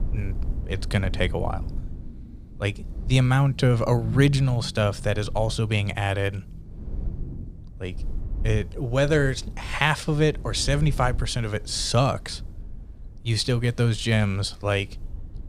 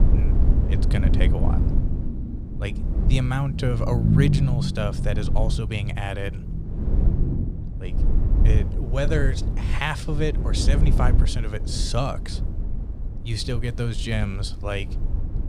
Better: first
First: low rumble; faint; throughout; 20 dB below the speech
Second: low rumble; loud; throughout; 6 dB below the speech

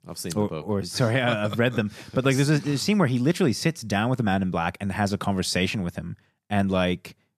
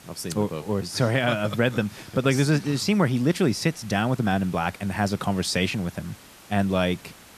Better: first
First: none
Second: hiss; faint; throughout; 20 dB below the speech

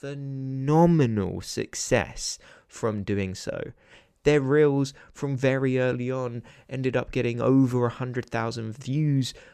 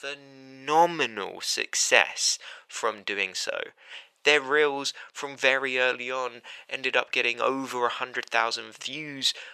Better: first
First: none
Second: thin; very; fading below 800 Hz

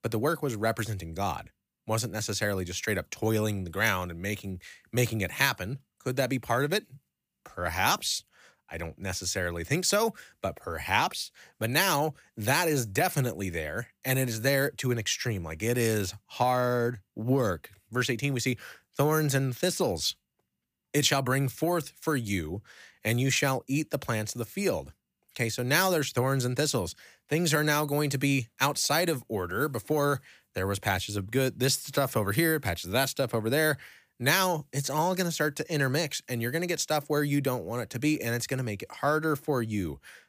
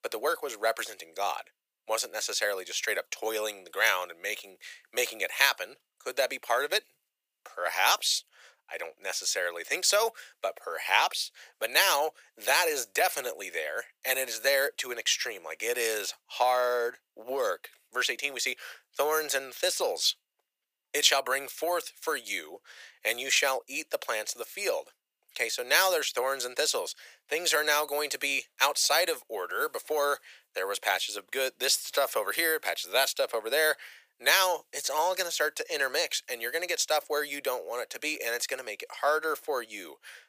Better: first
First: none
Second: thin; very; fading below 500 Hz

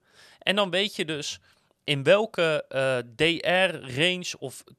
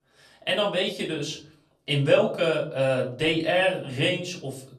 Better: first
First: none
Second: room echo; slight; dies away in 0.5 s // off-mic speech; far

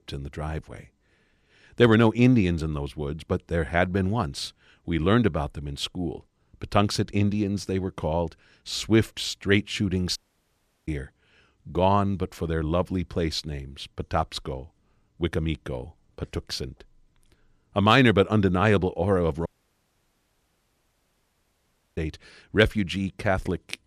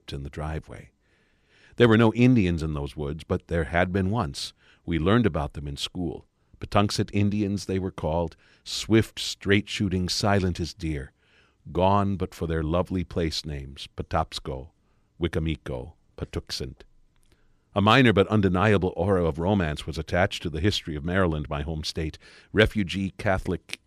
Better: second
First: audio cutting out; at 10 s for 0.5 s and at 19 s for 2.5 s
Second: none

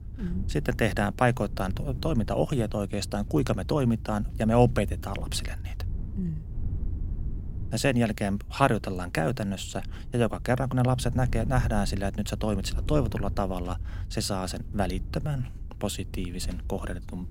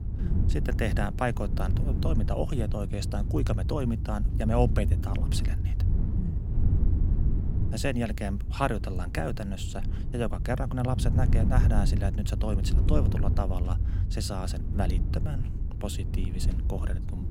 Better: first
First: low rumble; faint; throughout; 20 dB below the speech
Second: low rumble; loud; throughout; 9 dB below the speech

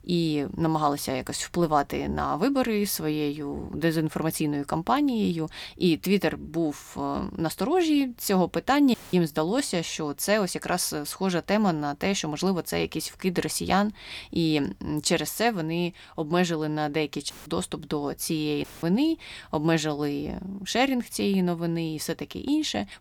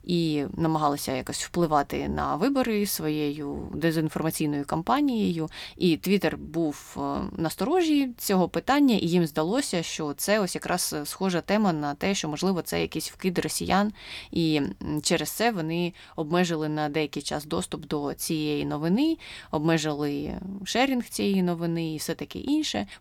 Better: second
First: audio cutting out; filled with static; at 9 s, at 17 s and at 19 s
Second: none

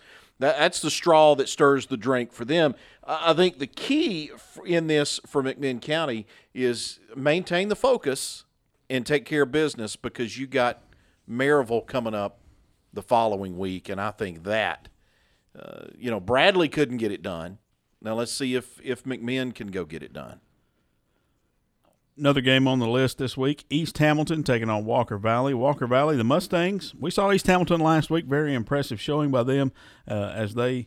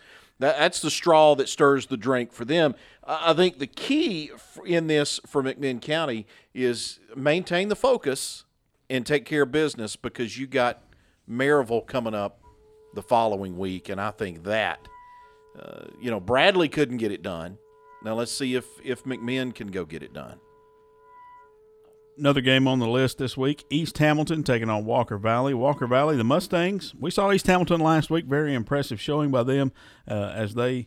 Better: first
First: none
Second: background music; faint; throughout; 30 dB below the speech

